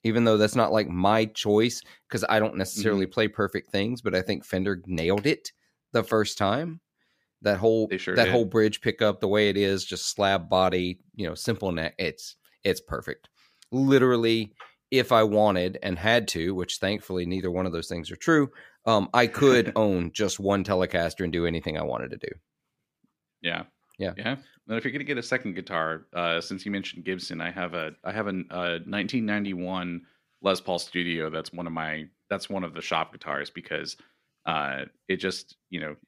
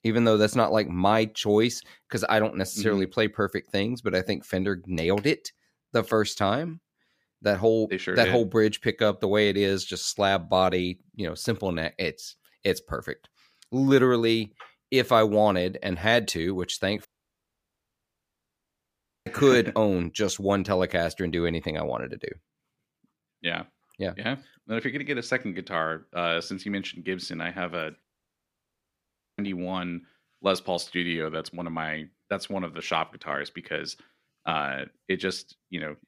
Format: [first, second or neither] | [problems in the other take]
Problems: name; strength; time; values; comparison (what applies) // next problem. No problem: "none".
first | audio cutting out; at 17 s for 2 s and at 28 s for 1.5 s